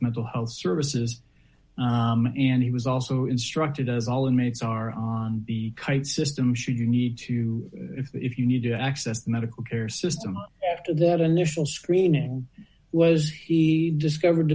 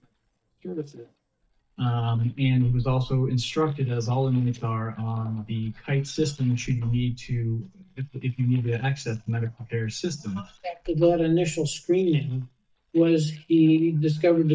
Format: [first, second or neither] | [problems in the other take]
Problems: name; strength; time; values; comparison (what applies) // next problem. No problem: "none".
first | noise reduction (neural mask model DeepFilterNet 3)